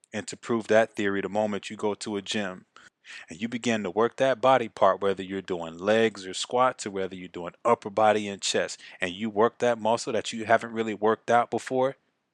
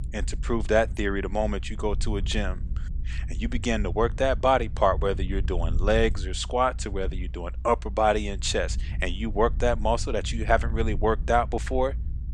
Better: first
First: none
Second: low rumble; faint; throughout; 25 dB below the speech

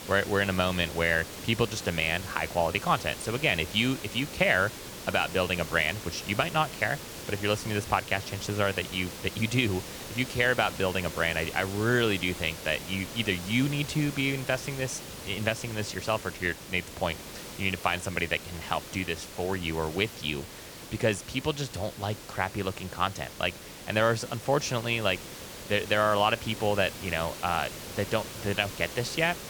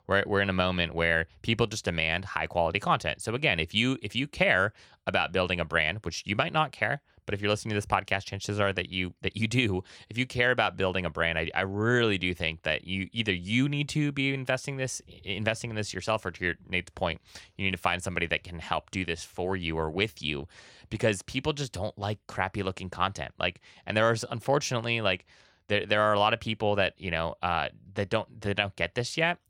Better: second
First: hiss; noticeable; throughout; 10 dB below the speech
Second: none

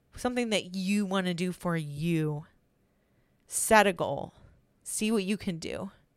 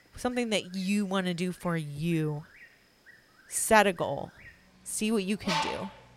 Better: first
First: none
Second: animal sounds; loud; throughout; 3 dB below the speech

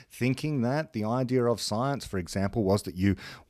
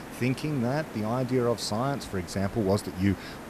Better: first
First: none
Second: hiss; noticeable; throughout; 15 dB below the speech

